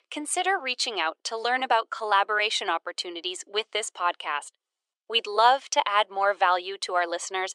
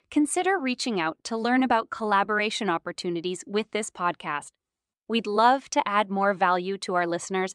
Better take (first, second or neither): second